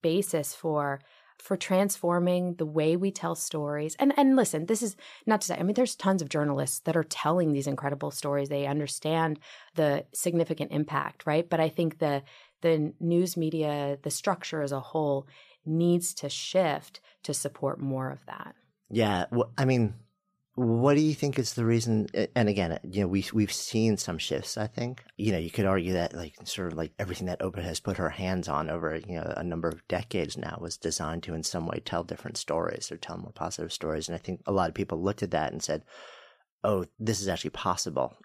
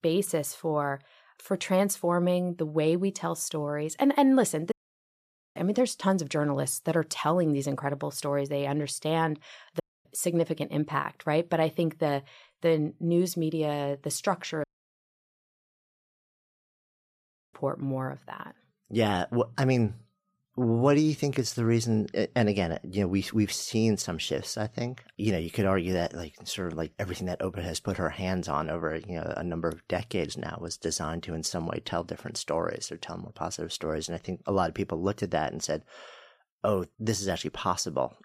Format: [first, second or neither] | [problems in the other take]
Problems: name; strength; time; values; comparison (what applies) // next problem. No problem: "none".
first | audio cutting out; at 4.5 s for 1 s, at 10 s and at 15 s for 3 s